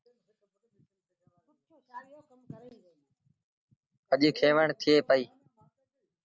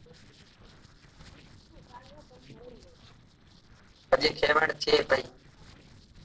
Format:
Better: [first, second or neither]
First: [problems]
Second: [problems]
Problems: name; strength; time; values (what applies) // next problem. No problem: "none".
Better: first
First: none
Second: noise reduction (neural separator model SepFormer DNS4)